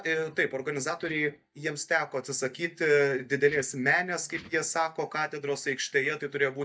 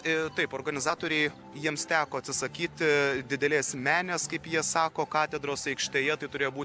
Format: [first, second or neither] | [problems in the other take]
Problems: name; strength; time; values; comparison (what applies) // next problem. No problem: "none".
second | noise reduction (neural mask model DeepFilterNet 3)